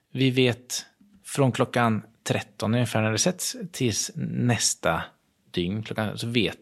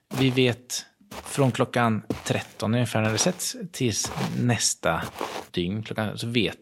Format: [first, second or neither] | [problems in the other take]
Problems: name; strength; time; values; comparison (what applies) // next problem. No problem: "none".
first | footsteps; noticeable; until 5.5 s; peak 8 dB below the speech